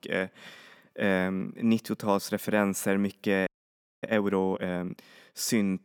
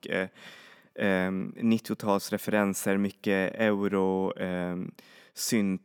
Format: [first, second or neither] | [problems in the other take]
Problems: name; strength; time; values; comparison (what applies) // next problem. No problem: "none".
second | audio freezing; at 3.5 s for 0.5 s